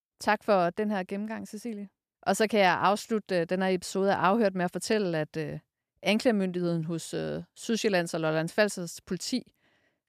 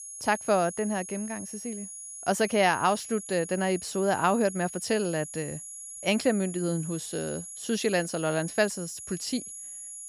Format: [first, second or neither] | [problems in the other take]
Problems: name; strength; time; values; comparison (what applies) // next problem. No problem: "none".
first | high-pitched whine; noticeable; throughout; 11 kHz, 10 dB below the speech